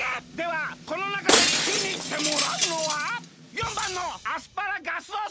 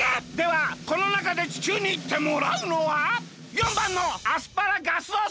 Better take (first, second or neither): second